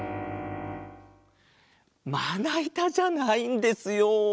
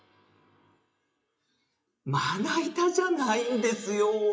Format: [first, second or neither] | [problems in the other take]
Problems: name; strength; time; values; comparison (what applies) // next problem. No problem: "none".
first | noise reduction (classical method WPE with log-MMSE)